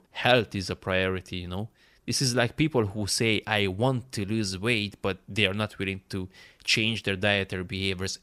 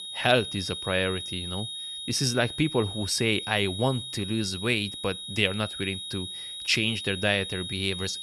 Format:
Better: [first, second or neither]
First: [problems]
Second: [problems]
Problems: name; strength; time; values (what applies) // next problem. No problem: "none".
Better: first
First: none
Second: high-pitched whine; loud; throughout; 4 kHz, 7 dB below the speech